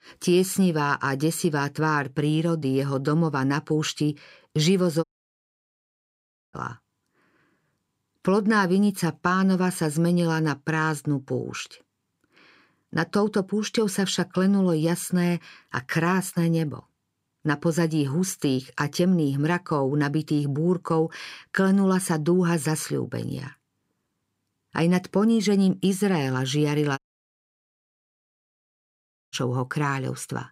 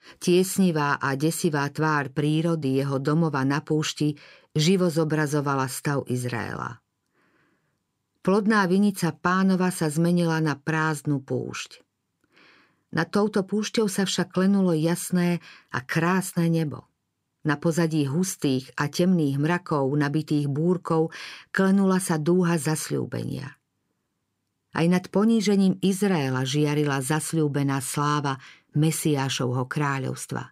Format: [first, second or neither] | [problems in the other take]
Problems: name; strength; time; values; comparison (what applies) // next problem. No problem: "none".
second | audio cutting out; at 5 s for 1.5 s and at 27 s for 2.5 s